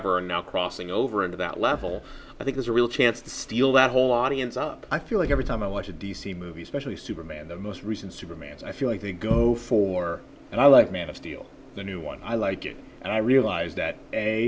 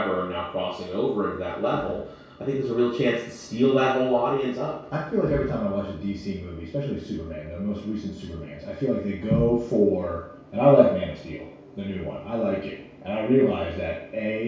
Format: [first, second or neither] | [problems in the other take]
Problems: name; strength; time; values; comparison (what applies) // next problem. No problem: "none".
first | room echo; dies away in 0.6 s